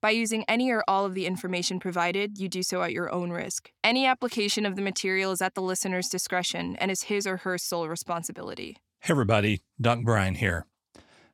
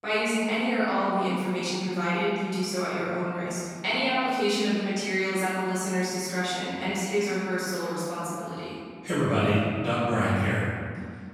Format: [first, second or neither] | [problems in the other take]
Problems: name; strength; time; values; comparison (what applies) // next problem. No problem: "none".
first | room echo; strong; dies away in 1.9 s // off-mic speech; far